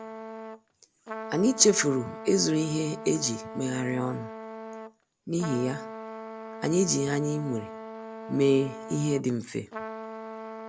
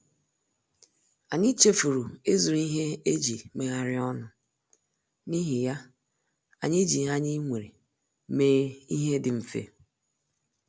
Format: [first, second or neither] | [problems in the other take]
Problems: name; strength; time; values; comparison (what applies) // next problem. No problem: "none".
second | background sound (Trumpet); 11 dB below the speech